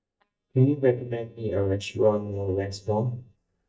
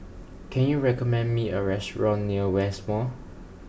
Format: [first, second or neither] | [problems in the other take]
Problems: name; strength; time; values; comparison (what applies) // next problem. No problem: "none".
second | noise reduction (neural mask model DeepFilterNet 3)